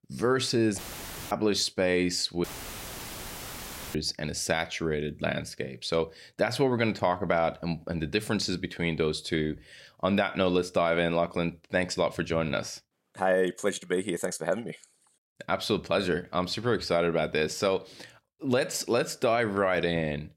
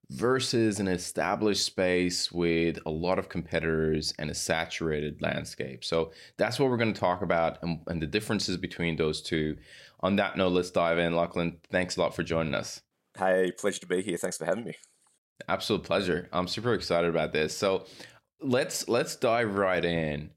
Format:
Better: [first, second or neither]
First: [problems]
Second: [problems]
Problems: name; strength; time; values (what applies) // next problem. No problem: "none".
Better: second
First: audio cutting out; filled with static; at 1 s for 0.5 s and at 2.5 s for 1.5 s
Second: none